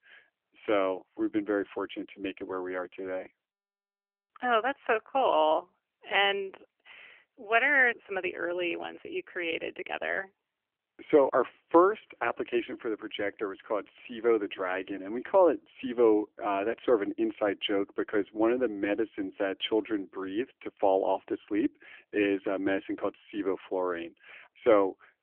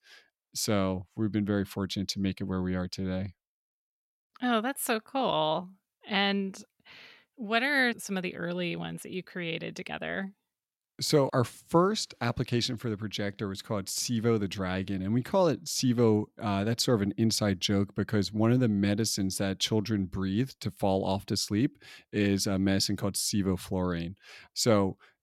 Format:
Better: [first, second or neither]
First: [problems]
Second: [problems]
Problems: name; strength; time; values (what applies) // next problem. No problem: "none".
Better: second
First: phone-call audio; nothing above 3 kHz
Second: none